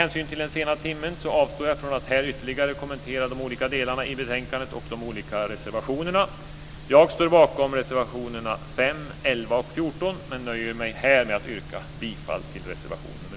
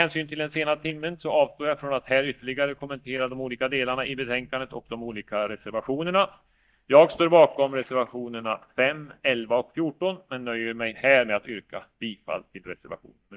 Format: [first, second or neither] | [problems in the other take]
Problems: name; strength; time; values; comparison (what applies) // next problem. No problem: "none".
first | noise reduction (neural mask model DeepFilterNet 3)